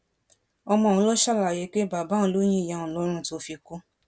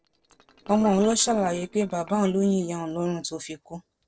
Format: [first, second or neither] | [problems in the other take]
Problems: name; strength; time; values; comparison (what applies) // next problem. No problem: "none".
first | noise reduction (neural separator model SepFormer DNS4)